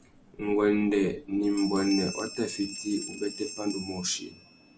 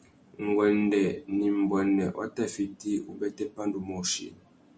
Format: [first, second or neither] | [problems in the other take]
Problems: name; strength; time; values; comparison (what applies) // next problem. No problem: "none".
second | background sound (Bell); 13 dB below the speech